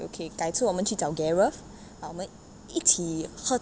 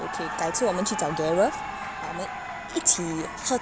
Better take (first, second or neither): first